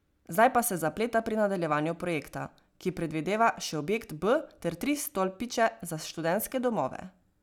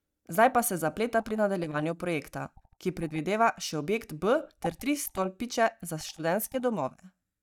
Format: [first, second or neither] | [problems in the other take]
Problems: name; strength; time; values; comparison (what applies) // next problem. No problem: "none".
first | noise reduction (neural mask model DeepFilterNet 3)